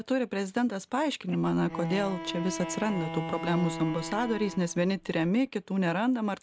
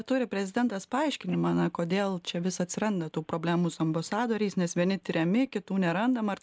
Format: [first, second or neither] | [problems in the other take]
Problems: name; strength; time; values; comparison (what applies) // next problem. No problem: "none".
second | background sound (Bowed string instrument); 9 dB below the speech